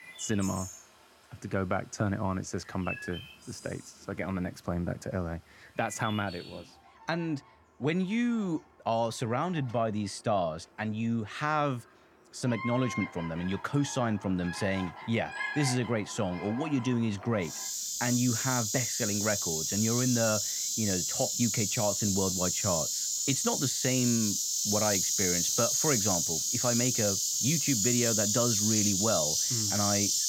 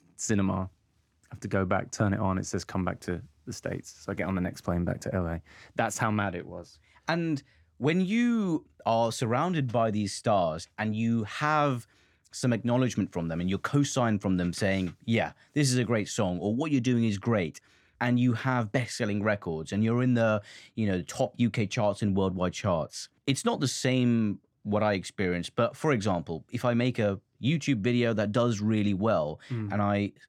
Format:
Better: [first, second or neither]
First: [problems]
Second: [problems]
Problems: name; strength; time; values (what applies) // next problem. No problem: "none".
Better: second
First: animal sounds; very loud; throughout; 3 dB above the speech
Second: none